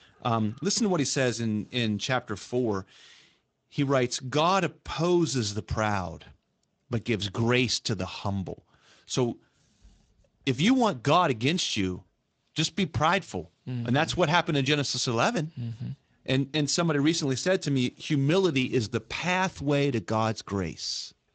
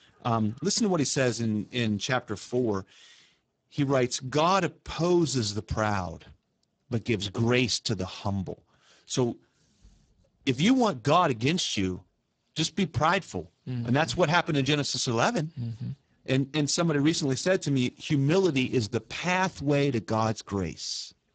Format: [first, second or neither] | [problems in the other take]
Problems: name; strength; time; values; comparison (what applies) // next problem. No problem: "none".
first | garbled, watery; badly; nothing above 7.5 kHz; slightly in the first